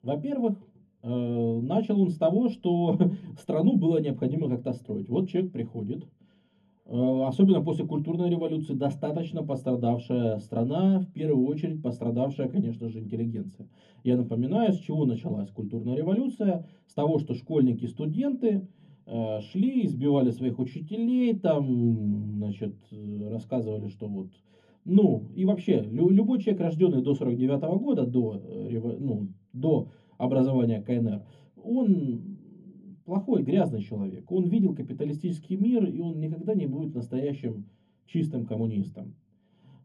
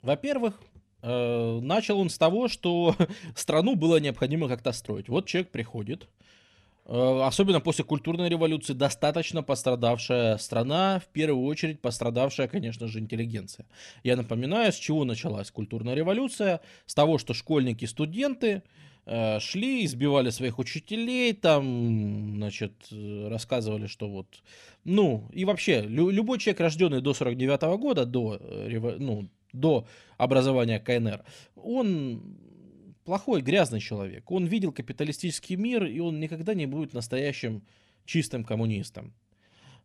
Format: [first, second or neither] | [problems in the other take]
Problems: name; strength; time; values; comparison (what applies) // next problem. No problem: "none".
second | room echo; very slight; dies away in 0.3 s // off-mic speech; far